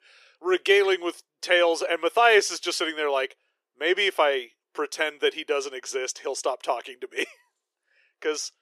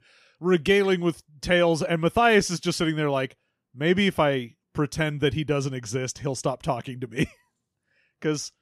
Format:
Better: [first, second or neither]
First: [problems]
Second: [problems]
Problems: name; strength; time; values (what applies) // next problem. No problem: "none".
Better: second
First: thin; very; fading below 400 Hz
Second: none